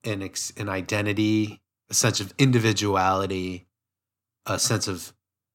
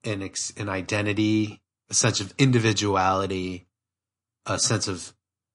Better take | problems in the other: first | garbled, watery; slightly; nothing above 8.5 kHz

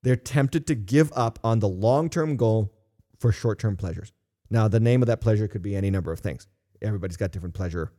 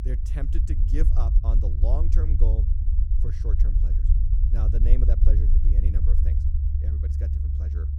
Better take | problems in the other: first | low rumble; loud; throughout; 1 dB below the speech

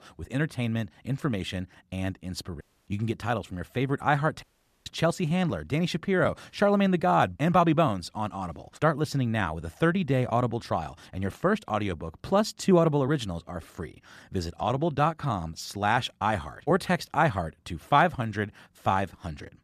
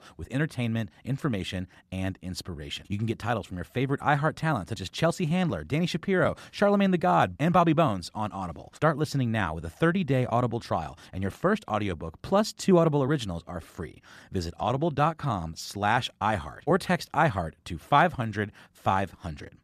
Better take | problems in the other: second | audio cutting out; at 2.5 s and at 4.5 s

